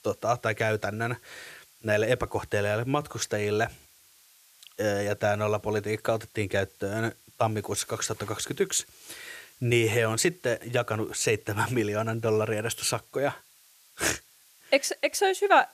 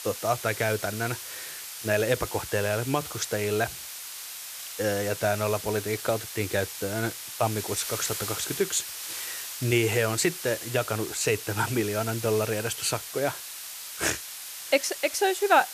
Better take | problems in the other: first | hiss; loud; throughout; 7 dB below the speech; faint in the first

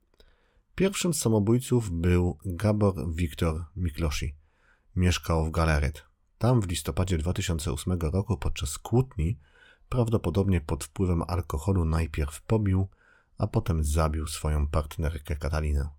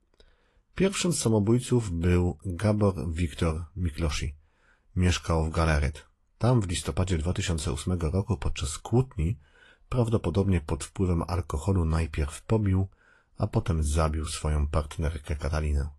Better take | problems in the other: first | garbled, watery; slightly; nothing above 11 kHz

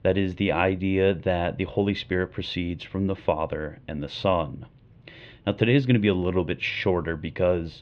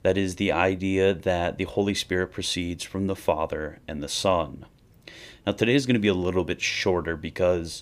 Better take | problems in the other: second | muffled; slightly; fading above 3 kHz

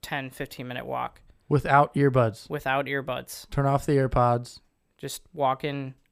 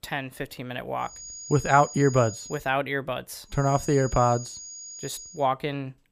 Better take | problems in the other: first | high-pitched whine; noticeable; from 1 to 2.5 s and from 3.5 to 5.5 s; 6.5 kHz, 15 dB below the speech

